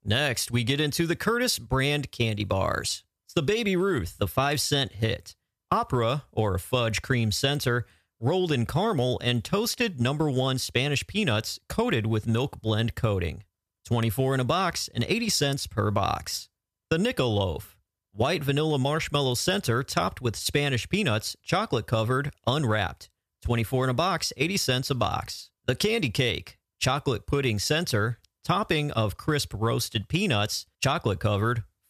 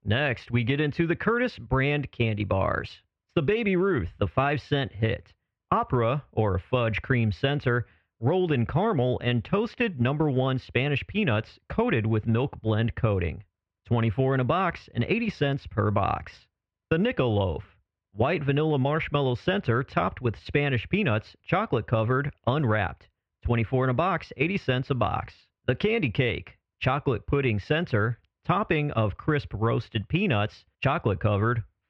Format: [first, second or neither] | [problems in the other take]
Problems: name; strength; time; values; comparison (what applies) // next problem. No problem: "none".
first | muffled; very; fading above 2.5 kHz